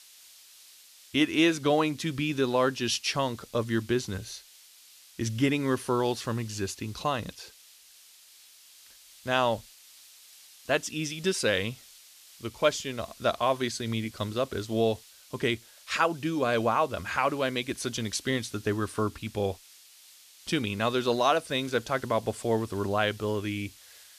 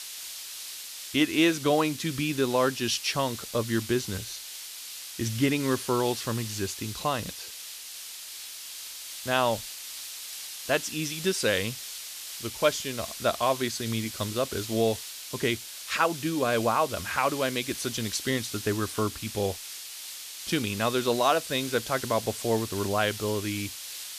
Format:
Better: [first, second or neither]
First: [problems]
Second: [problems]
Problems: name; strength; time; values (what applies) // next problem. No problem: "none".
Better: first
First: hiss; faint; throughout; 20 dB below the speech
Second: hiss; loud; throughout; 9 dB below the speech